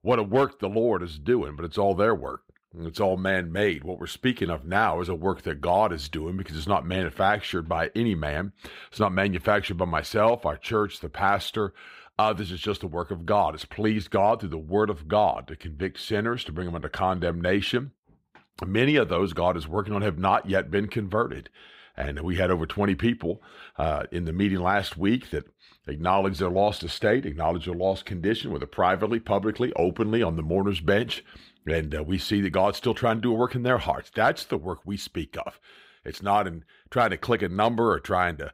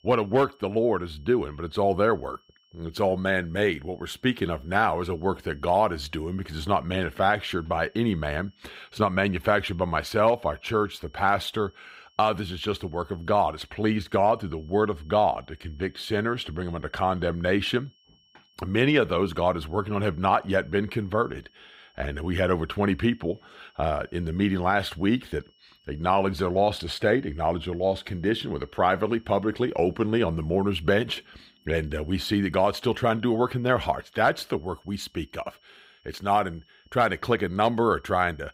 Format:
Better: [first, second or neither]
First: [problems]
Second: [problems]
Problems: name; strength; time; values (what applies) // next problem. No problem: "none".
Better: first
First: none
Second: high-pitched whine; faint; throughout; 3 kHz, 35 dB below the speech